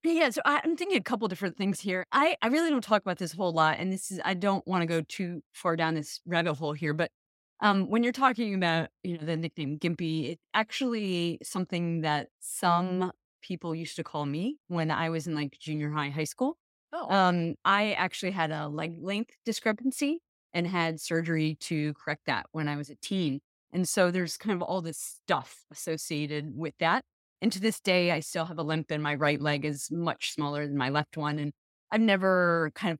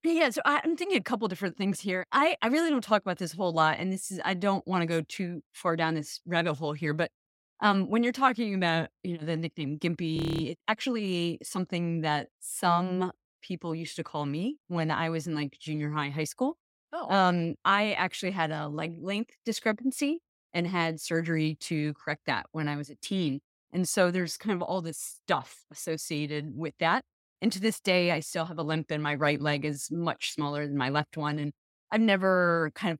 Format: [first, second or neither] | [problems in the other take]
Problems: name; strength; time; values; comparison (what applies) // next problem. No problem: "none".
first | audio freezing; at 10 s